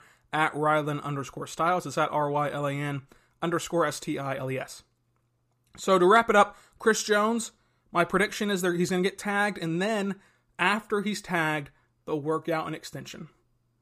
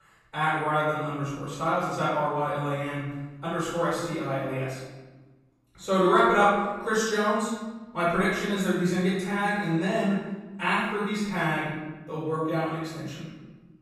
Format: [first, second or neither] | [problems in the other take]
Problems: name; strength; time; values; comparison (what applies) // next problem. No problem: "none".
first | room echo; strong; dies away in 1.1 s // off-mic speech; far